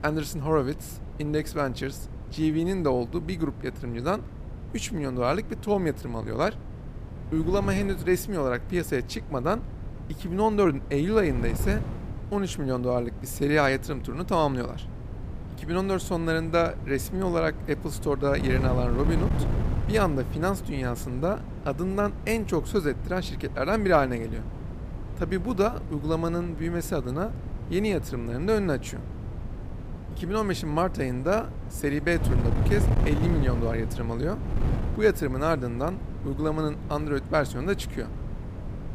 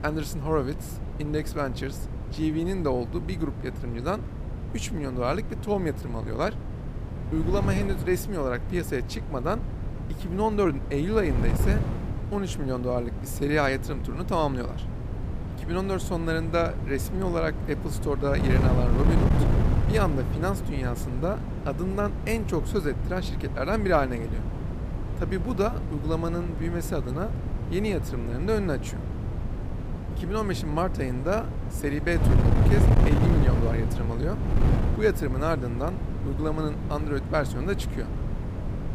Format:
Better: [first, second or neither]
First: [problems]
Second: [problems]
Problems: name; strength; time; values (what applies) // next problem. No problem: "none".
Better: first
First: wind noise on the microphone; occasional gusts; 15 dB below the speech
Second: wind noise on the microphone; heavy; 8 dB below the speech